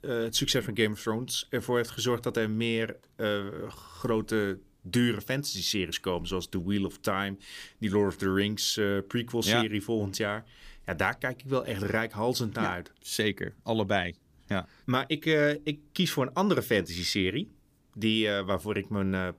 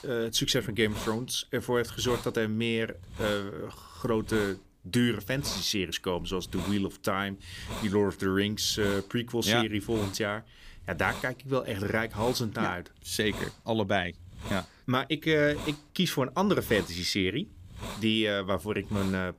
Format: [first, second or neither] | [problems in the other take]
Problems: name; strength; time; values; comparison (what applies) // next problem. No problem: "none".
first | hiss; noticeable; throughout; 15 dB below the speech